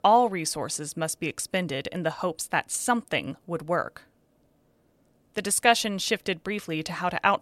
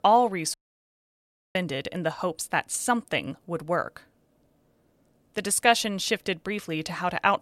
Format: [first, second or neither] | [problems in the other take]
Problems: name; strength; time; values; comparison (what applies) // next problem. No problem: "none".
first | audio cutting out; at 0.5 s for 1 s